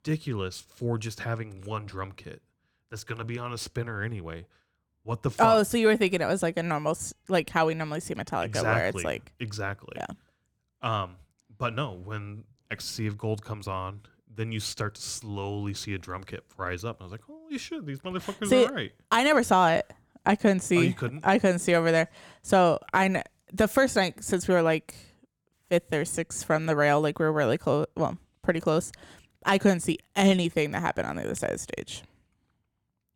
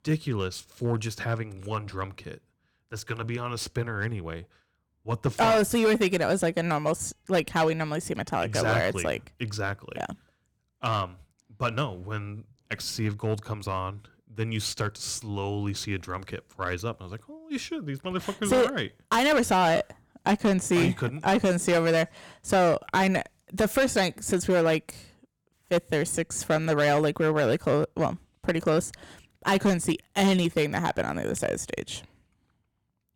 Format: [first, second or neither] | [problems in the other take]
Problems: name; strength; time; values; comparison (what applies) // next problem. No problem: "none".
first | distortion; slight; 5% of the sound clipped